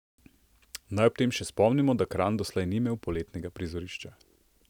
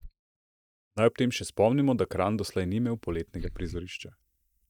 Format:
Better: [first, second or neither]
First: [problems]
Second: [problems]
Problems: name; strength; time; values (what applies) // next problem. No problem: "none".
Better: first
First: none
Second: noise reduction (neural mask model DeepFilterNet 3)